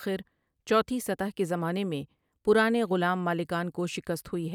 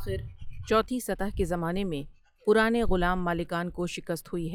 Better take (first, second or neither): first